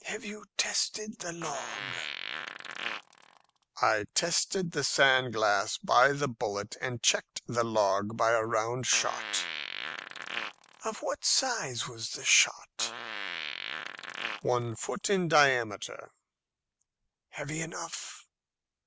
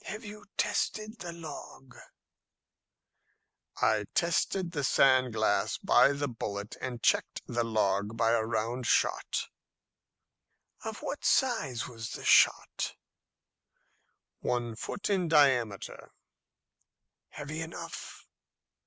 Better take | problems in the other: second | background sound (Fart); 9 dB below the speech

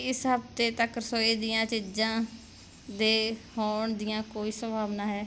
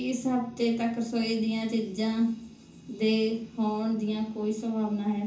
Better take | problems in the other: first | room echo; dies away in 0.6 s

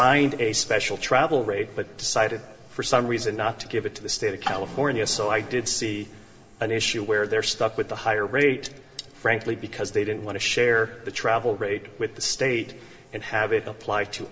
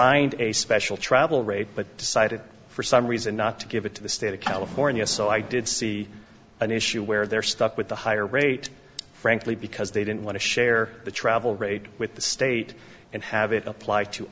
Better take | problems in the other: second | room echo; dies away in 2.6 s

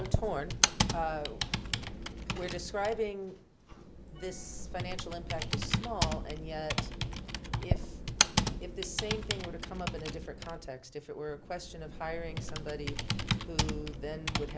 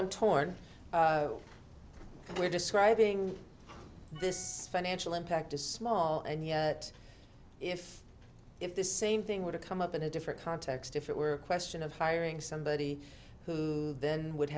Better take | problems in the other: second | background sound (Computer keyboard); 5 dB above the speech

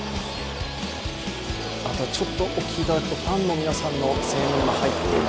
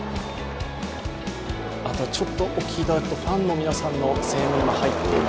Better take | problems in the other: second | background sound (Chirp, tweet); 12 dB below the speech

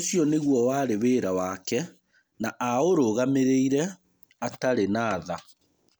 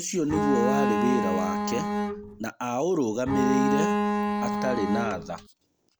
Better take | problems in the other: first | background sound (Bowed string instrument); 2 dB above the speech

